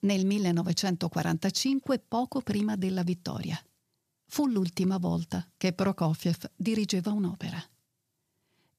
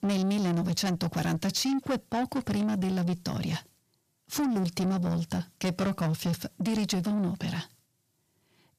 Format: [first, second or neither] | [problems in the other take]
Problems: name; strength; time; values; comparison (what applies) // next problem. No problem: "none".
first | distortion; slight; 10 dB below the speech